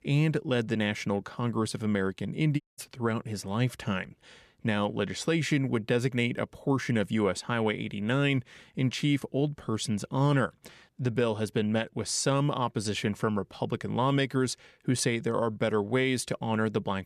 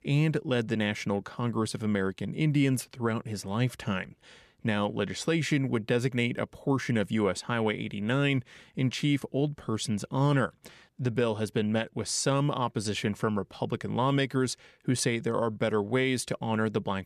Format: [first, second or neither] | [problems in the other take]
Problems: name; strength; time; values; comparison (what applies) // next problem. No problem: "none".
second | audio cutting out; at 2.5 s